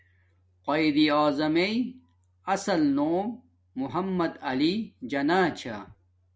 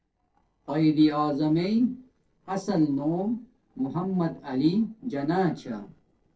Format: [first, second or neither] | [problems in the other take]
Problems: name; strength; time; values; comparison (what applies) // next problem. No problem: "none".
first | noise reduction (neural separator model SepFormer DNS4)